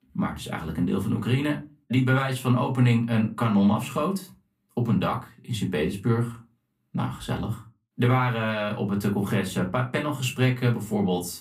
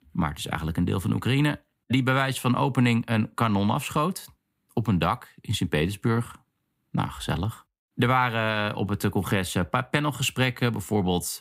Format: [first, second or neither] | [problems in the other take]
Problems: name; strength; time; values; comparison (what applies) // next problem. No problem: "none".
second | off-mic speech; far // room echo; very slight; dies away in 0.2 s